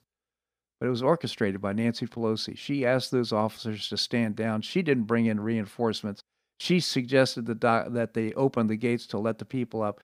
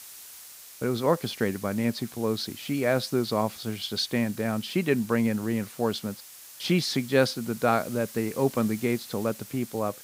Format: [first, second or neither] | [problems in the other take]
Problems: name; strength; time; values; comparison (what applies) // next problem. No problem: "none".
first | hiss; noticeable; throughout; 15 dB below the speech